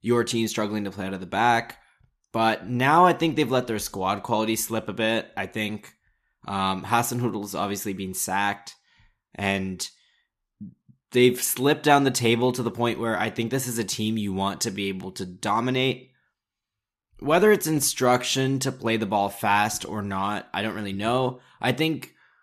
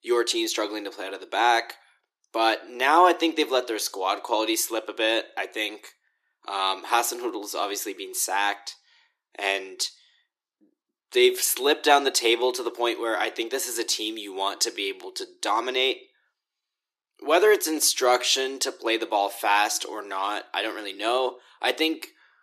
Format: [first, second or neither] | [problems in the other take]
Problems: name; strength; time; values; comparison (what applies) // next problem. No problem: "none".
first | thin; very; fading below 300 Hz